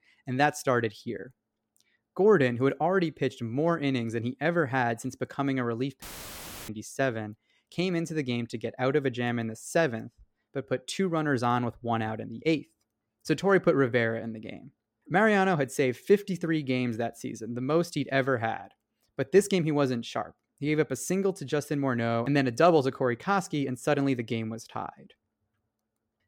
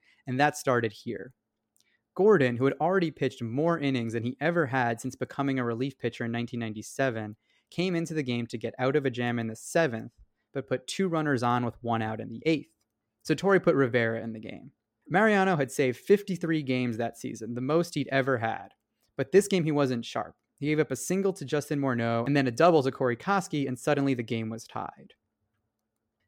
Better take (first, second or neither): second